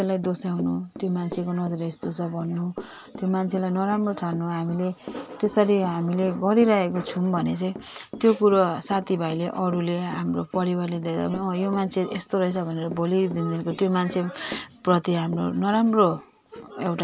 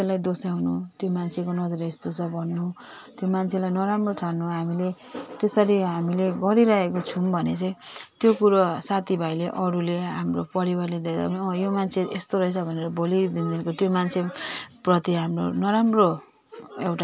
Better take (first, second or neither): second